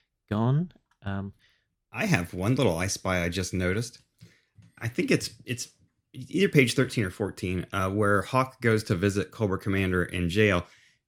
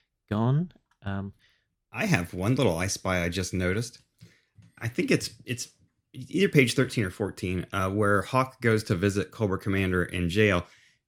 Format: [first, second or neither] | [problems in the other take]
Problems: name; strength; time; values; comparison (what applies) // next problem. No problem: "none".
neither | none